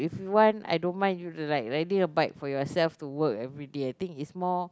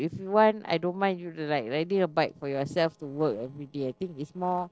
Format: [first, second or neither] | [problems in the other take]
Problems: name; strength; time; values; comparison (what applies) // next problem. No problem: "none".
first | noise reduction (neural separator model SepFormer DNS4)